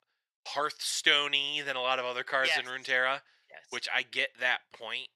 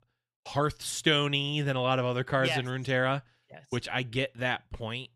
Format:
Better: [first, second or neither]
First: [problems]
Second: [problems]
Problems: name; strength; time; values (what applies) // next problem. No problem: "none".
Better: second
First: thin; very; fading below 600 Hz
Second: none